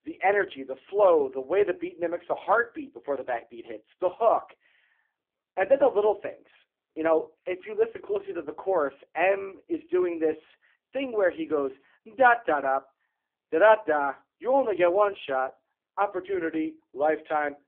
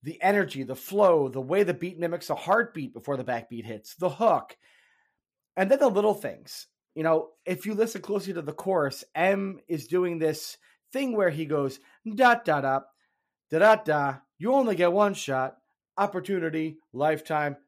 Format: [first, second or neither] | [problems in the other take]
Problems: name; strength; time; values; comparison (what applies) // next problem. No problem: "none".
second | phone-call audio; poor line; nothing above 3.5 kHz